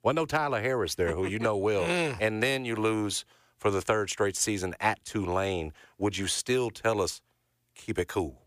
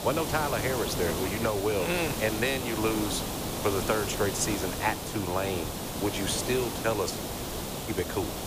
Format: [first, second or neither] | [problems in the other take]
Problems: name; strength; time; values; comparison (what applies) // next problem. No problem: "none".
first | hiss; loud; throughout; 3 dB below the speech